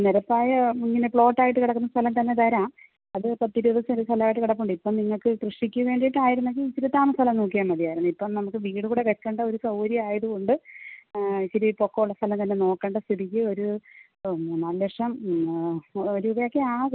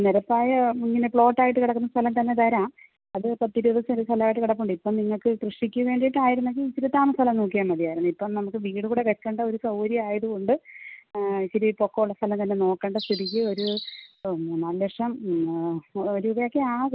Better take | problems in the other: first | background sound (Bird); 13 dB below the speech

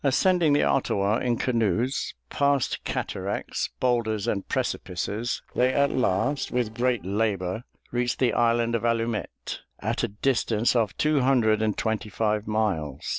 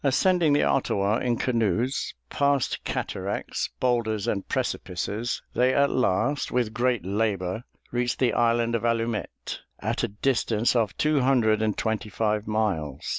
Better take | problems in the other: second | noise reduction (neural separator model SepFormer DNS4)

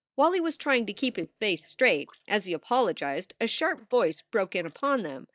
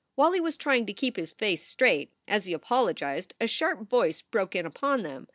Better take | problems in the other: second | noise reduction (neural mask model DeepFilterNet 3)

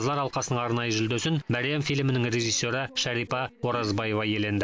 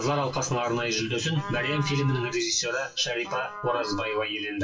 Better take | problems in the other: first | noise reduction (classical method WPE with log-MMSE)

